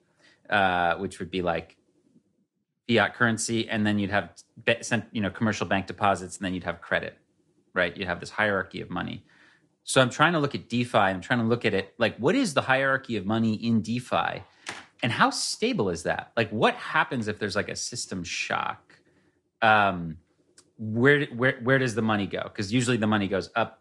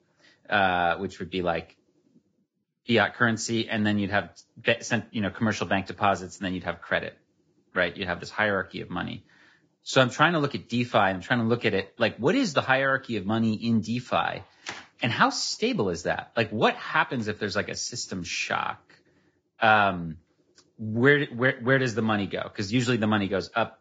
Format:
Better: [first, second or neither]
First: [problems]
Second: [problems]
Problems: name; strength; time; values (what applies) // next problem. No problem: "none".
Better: first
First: garbled, watery; slightly; nothing above 10.5 kHz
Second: garbled, watery; badly; nothing above 7.5 kHz